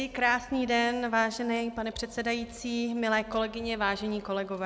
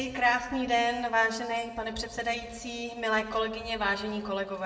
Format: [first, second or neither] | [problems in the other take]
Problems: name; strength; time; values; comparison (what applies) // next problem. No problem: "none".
first | room echo; dies away in 0.8 s